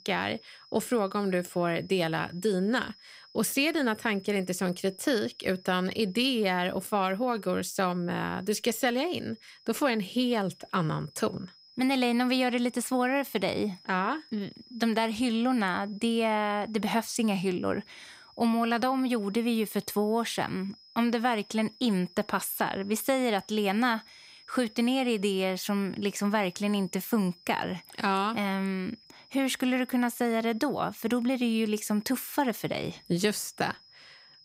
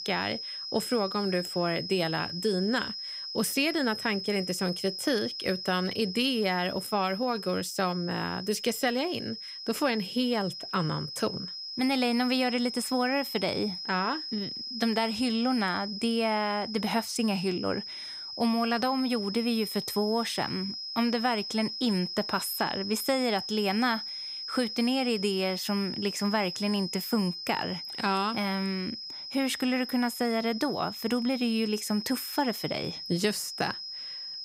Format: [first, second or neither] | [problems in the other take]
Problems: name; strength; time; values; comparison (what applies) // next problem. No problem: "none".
first | high-pitched whine; loud; throughout; 5 kHz, 6 dB below the speech; faint in the first